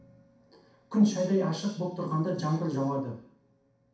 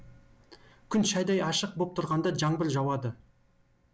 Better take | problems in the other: second | room echo; dies away in 0.6 s

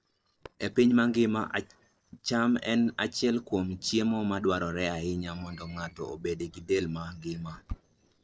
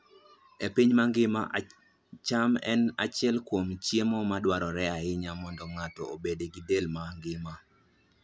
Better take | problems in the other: second | noise reduction (neural separator model SepFormer DNS4)

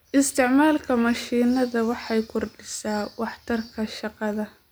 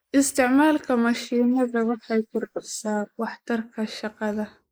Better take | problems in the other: first | noise reduction (neural mask model Resemble Enhance denoiser)

